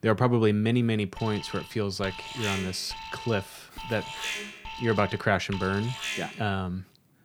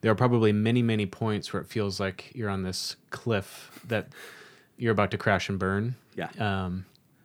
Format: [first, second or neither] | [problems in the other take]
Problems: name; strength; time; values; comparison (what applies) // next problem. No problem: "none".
second | alarm; noticeable; from 1 to 6.5 s; peak 3 dB below the speech